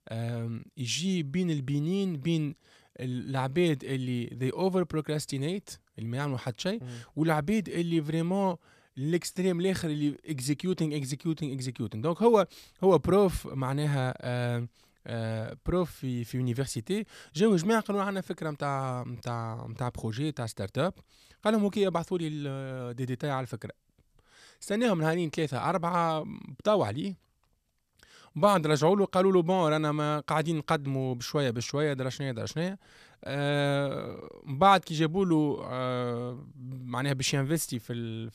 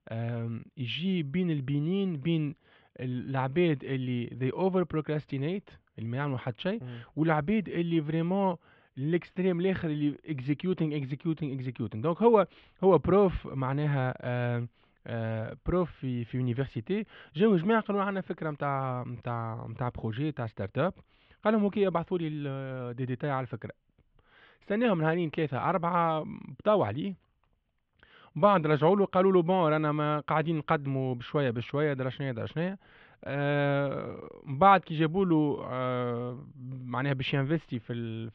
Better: first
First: none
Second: muffled; very; fading above 3 kHz

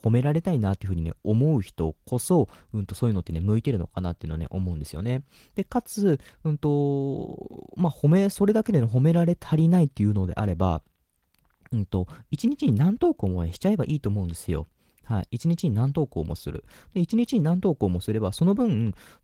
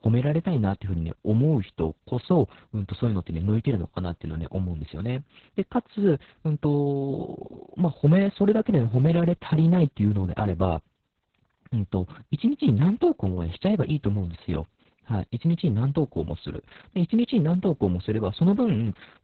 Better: first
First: garbled, watery; slightly; nothing above 16.5 kHz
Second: garbled, watery; badly

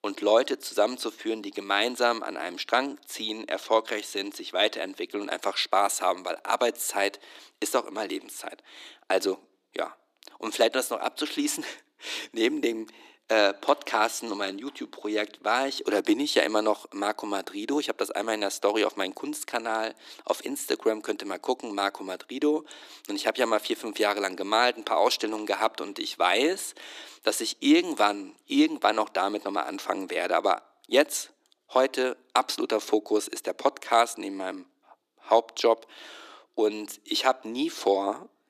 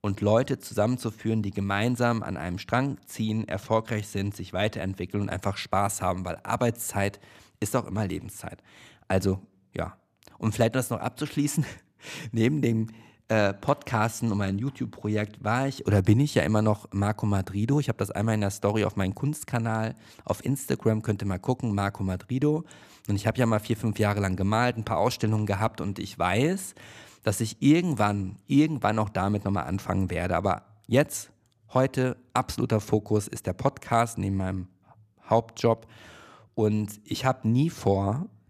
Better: second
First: thin; somewhat; fading below 300 Hz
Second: none

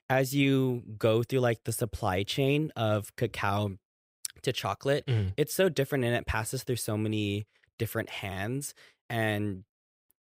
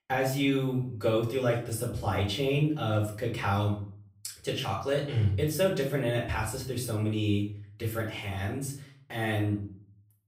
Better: first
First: none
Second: room echo; slight; dies away in 0.5 s // off-mic speech; far

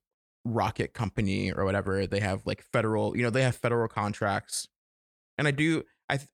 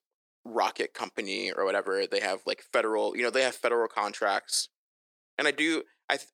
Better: first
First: none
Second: thin; very; fading below 350 Hz

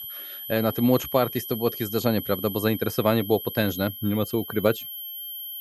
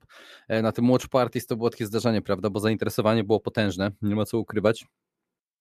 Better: second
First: high-pitched whine; loud; throughout; 12 kHz, 9 dB below the speech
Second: none

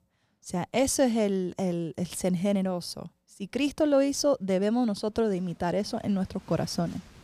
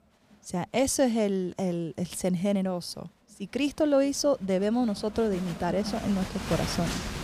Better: first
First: crowd noise; faint; throughout; 25 dB below the speech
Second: crowd noise; loud; throughout; 9 dB below the speech

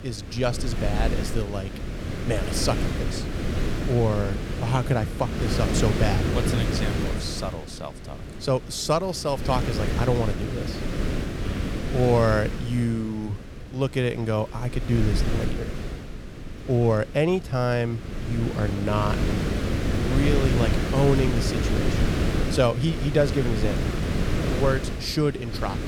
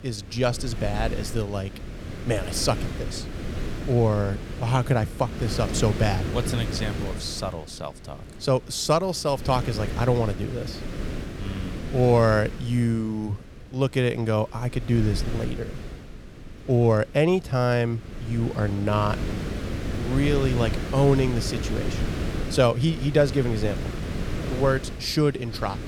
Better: second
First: wind noise on the microphone; heavy; 5 dB below the speech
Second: wind noise on the microphone; occasional gusts; 10 dB below the speech

